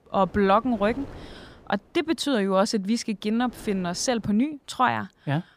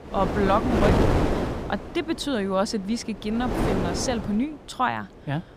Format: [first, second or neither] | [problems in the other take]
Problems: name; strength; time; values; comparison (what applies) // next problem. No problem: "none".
first | wind noise on the microphone; heavy; as loud as the speech; occasional gusts in the first